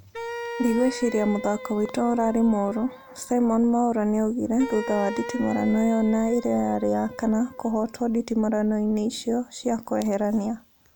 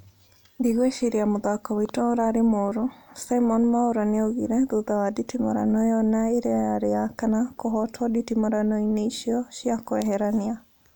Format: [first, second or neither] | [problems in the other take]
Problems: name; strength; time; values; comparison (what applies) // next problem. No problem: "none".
second | background sound (Wind instrument, woodwind instrument); 13 dB below the speech